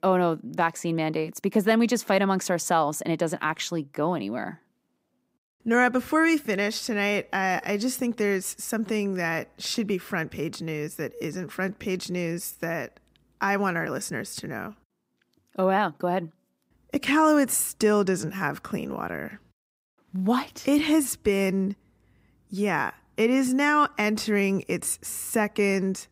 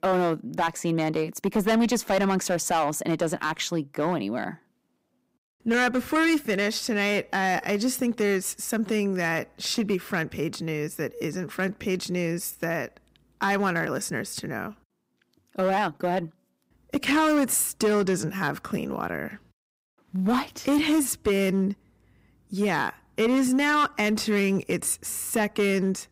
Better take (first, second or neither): first